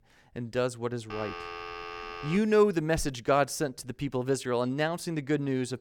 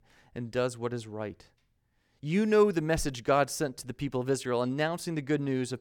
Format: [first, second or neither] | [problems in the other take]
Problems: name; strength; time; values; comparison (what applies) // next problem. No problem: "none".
second | phone ringing; noticeable; from 1 to 2.5 s; peak 10 dB below the speech